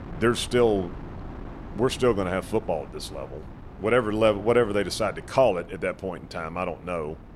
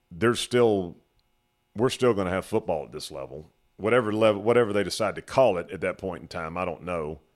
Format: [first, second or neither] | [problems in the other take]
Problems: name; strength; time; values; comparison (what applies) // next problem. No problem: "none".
second | wind noise on the microphone; occasional gusts; 20 dB below the speech